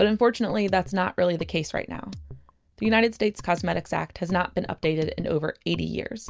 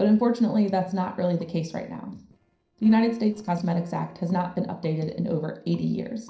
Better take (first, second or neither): first